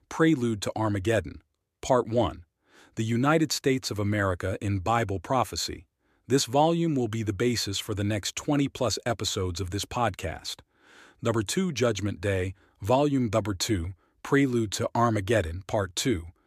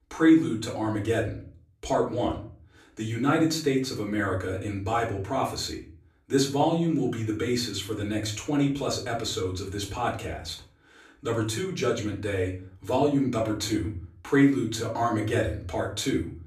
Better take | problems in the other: first | off-mic speech; far // room echo; slight; dies away in 0.4 s

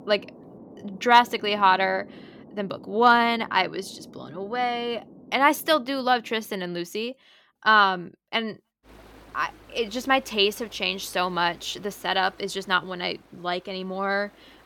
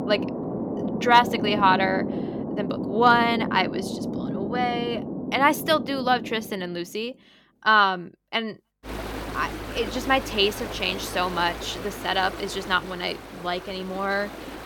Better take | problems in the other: first | rain or running water; loud; throughout; 8 dB below the speech; faint in the first

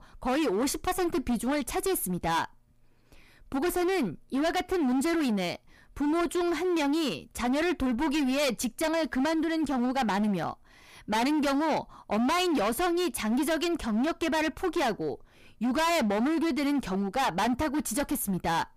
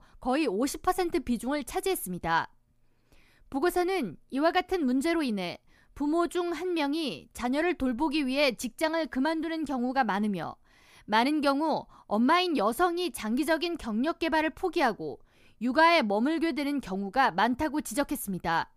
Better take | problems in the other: second | distortion; heavy; 24% of the sound clipped

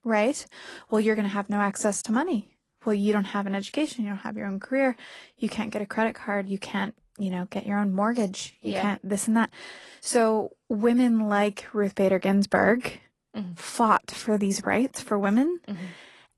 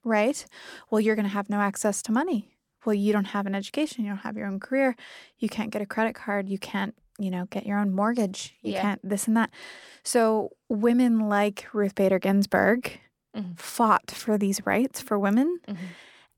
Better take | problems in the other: second | garbled, watery; slightly; nothing above 11.5 kHz

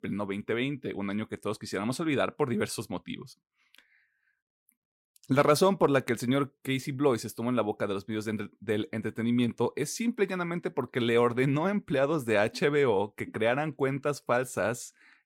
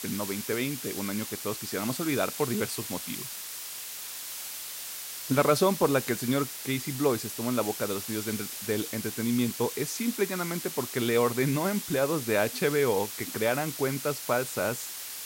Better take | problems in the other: first | hiss; loud; throughout; 6 dB below the speech

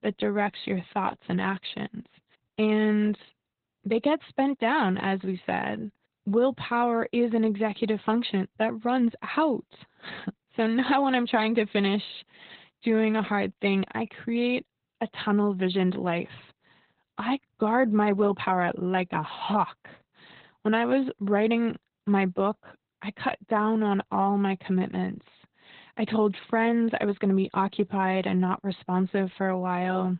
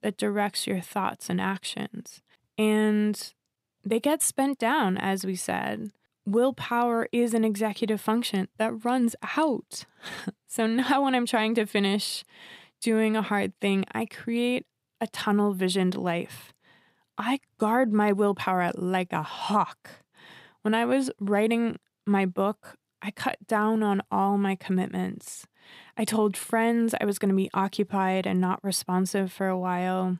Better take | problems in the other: second | garbled, watery; badly; nothing above 4 kHz

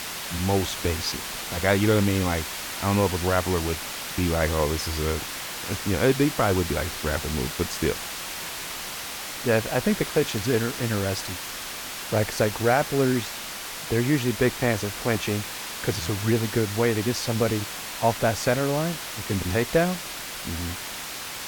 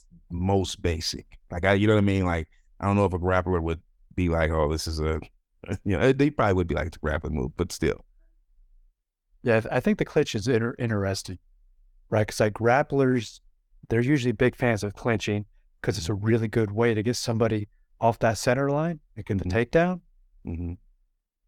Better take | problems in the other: second | hiss; loud; throughout; 6 dB below the speech

